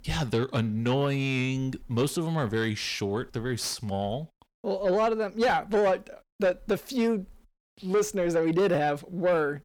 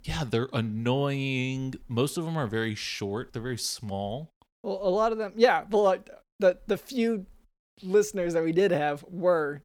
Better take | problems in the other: second | distortion; slight; 10 dB below the speech

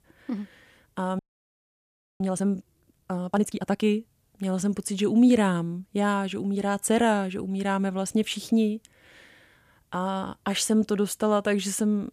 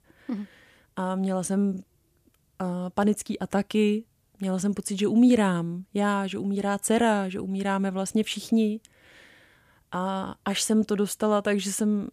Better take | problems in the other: second | audio freezing; at 1 s for 1 s

